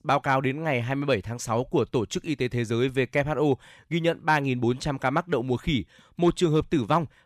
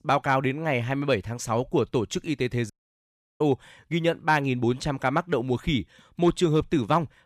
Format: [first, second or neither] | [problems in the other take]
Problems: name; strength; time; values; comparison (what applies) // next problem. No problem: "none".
first | audio cutting out; at 2.5 s for 0.5 s